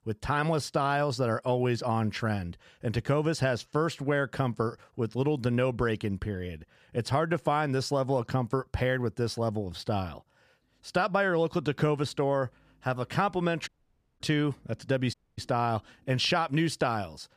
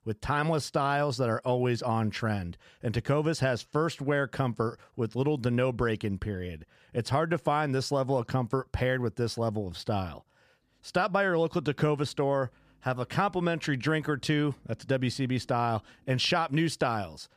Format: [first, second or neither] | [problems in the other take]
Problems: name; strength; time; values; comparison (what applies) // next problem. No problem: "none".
second | audio cutting out; at 14 s for 0.5 s and at 15 s